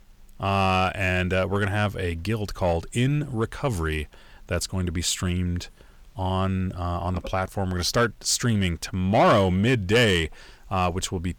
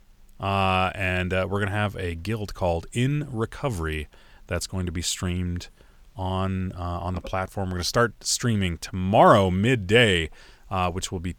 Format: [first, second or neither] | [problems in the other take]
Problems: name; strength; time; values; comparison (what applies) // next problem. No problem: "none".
second | distortion; slight; 10 dB below the speech